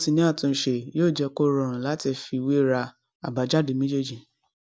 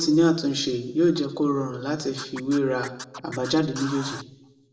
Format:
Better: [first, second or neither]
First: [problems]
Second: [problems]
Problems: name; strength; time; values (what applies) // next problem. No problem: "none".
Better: first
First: none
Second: background sound (Scratching (performance technique)); 15 dB below the speech // room echo; dies away in 0.7 s